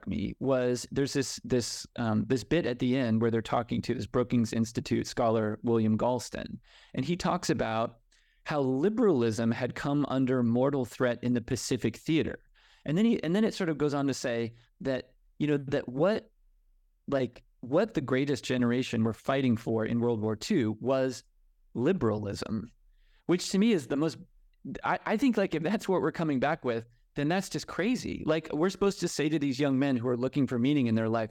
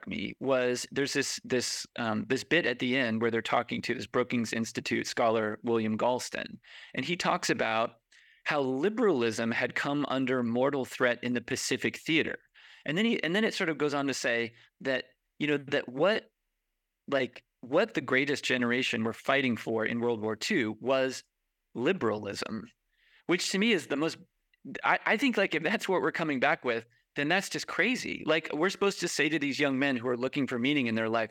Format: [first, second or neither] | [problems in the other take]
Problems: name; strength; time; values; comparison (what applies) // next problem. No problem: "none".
first | thin; very slightly; fading below 700 Hz